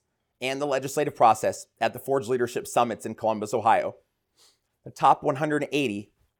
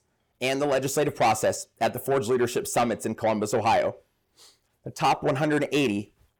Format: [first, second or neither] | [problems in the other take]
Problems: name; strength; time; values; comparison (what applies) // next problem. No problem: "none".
first | distortion; heavy; 7 dB below the speech